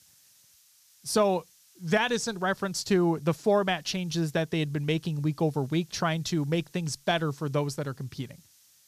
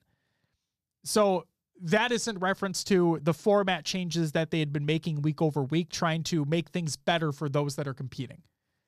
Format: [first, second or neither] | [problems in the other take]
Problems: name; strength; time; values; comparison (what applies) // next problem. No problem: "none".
second | hiss; faint; throughout; 30 dB below the speech